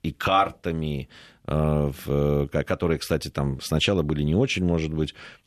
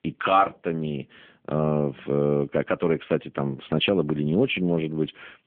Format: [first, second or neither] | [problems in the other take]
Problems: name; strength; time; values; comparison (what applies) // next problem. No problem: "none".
first | phone-call audio; nothing above 3.5 kHz